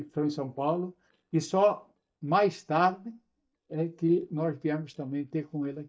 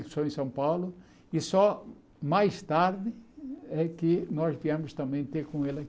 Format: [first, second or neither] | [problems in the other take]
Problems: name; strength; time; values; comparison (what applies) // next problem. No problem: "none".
second | noise reduction (neural mask model DeepFilterNet 3)